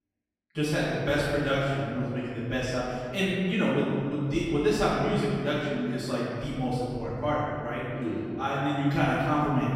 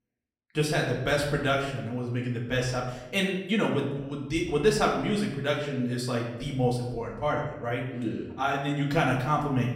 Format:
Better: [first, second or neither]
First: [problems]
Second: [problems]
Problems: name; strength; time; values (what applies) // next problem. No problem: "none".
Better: second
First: room echo; strong; dies away in 2.5 s // off-mic speech; far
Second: room echo; slight; dies away in 0.8 s // off-mic speech; far